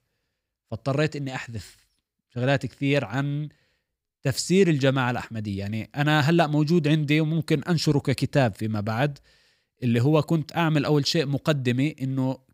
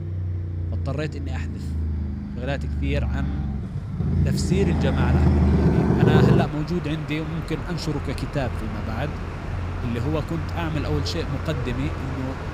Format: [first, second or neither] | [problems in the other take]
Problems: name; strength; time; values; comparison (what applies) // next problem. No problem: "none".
first | traffic noise; very loud; throughout; 4 dB above the speech